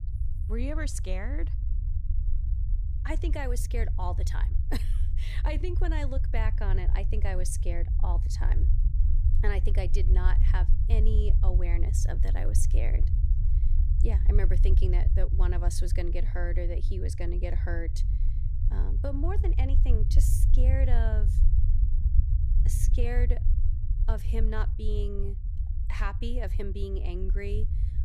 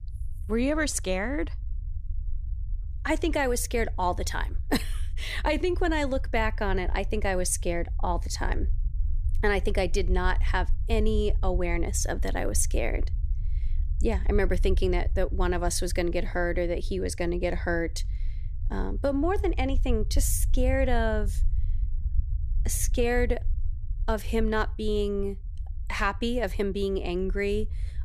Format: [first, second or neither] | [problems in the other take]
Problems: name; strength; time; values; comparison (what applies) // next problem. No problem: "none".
second | low rumble; loud; throughout; 8 dB below the speech; faint in the second